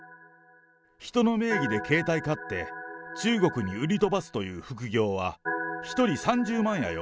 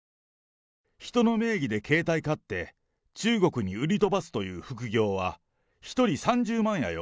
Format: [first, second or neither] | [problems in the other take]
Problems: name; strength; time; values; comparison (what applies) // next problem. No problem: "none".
second | background sound (Organ); 10 dB below the speech